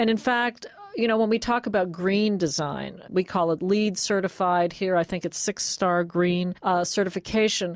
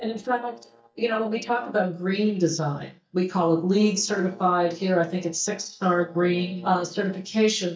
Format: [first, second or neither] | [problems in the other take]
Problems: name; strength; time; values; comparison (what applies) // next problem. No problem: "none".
first | noise reduction (neural mask model DeepFilterNet 3)